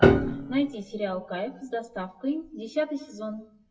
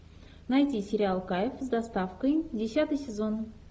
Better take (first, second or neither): second